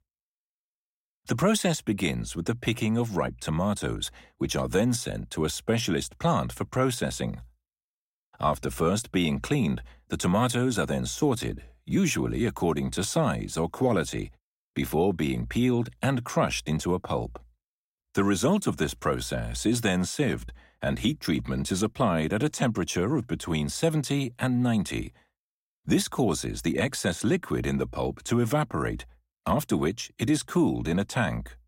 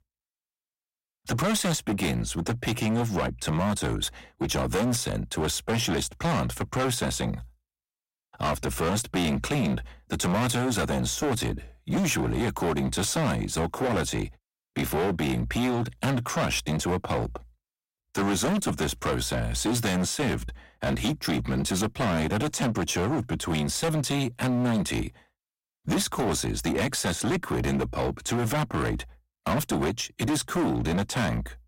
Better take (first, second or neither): first